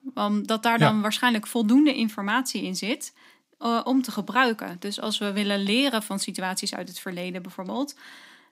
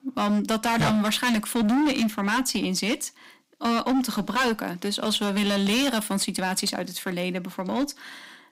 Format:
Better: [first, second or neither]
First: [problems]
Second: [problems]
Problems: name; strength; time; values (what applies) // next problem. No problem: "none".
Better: first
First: none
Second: distortion; heavy; 16% of the sound clipped